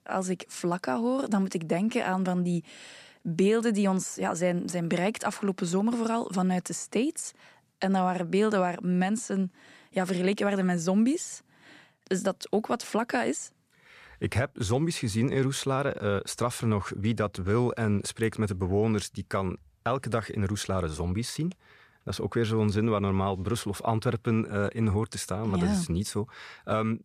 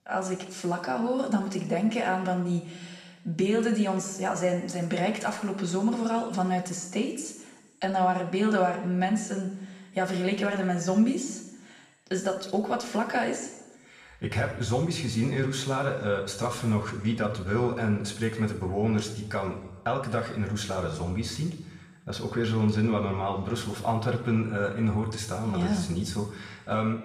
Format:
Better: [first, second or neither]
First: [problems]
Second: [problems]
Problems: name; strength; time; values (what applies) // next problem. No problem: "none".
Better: first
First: none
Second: room echo; noticeable; dies away in 1 s // off-mic speech; somewhat distant